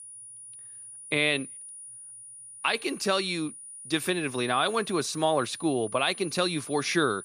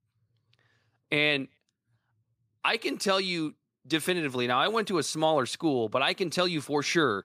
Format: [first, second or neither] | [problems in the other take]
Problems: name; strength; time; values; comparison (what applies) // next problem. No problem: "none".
second | high-pitched whine; noticeable; throughout; 9.5 kHz, 15 dB below the speech